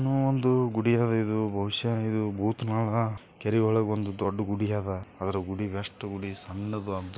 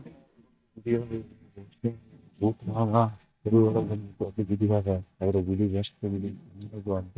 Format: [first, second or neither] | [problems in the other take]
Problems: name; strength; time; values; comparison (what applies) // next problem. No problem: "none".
first | noise reduction (neural mask model DeepFilterNet 3)